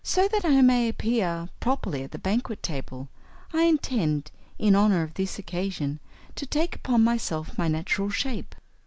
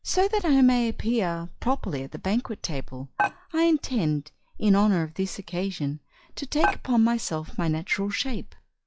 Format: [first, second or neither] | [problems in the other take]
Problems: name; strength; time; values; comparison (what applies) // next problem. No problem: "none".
first | noise reduction (classical method log-MMSE)